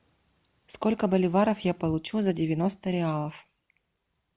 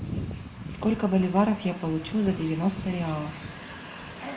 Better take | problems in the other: first | background sound (Train); 10 dB below the speech // room echo; dies away in 0.6 s

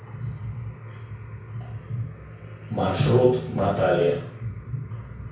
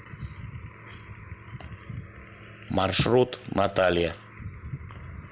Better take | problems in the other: second | background sound (Livestock, farm animals, working animals); 14 dB below the speech // room echo; dies away in 0.6 s

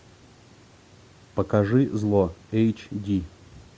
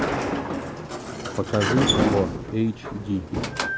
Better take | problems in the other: first | background sound (Sliding door); 1 dB above the speech

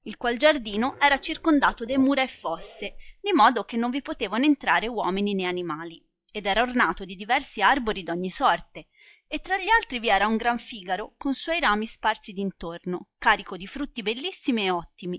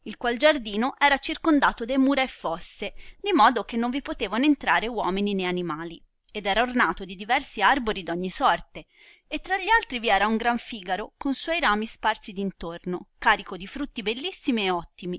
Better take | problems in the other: second | noise reduction (classical method log-MMSE)

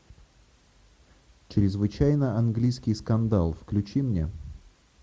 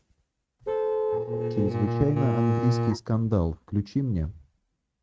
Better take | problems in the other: first | noise reduction (neural mask model RNNoise)

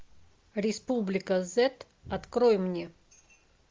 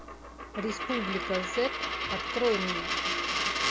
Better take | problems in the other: first | background sound (Coin (dropping)); 2 dB above the speech

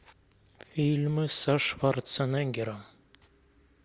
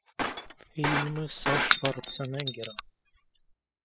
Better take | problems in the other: first | noise reduction (classical method spectral subtraction)

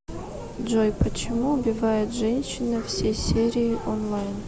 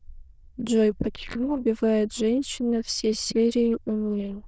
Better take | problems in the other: first | noise reduction (neural diffusion model UNIVERSE++)

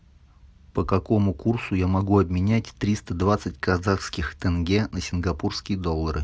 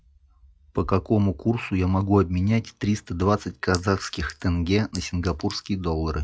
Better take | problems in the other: first | noise reduction (classical method log-MMSE)

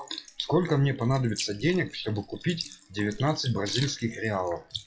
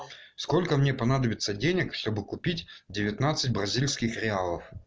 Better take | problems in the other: second | noise reduction (classical method WPE with log-MMSE)

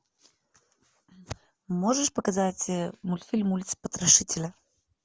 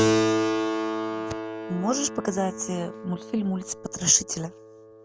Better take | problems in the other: first | background sound (Keyboard (musical)); as loud as the speech

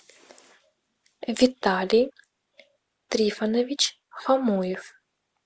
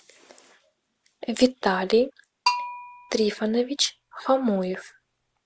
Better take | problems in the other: first | background sound (Bell); 8 dB below the speech

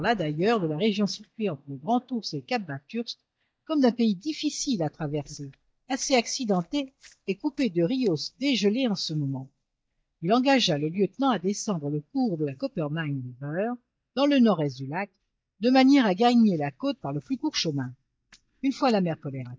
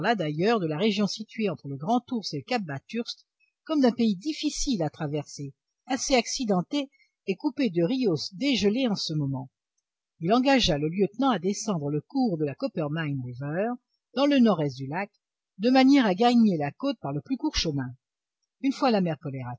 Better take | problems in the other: second | noise reduction (neural mask model DeepFilterNet 3)

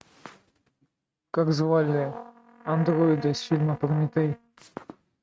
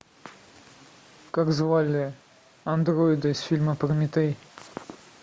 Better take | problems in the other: second | noise reduction (neural mask model RNNoise)

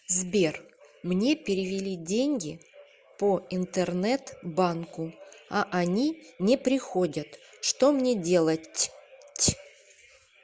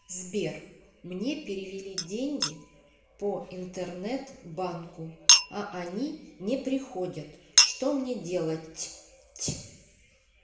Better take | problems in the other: first | background sound (Chink, clink); 2 dB above the speech // room echo; dies away in 0.7 s

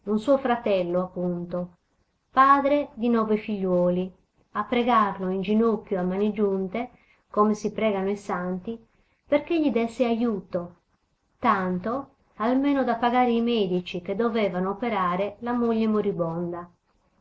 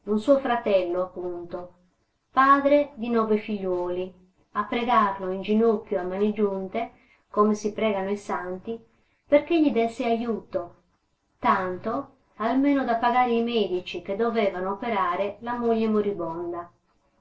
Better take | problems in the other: first | room echo; dies away in 0.2 s

